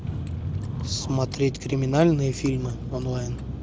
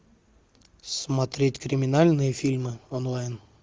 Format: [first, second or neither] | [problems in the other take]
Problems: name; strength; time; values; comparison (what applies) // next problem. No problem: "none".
second | background sound (Vehicle); 6 dB below the speech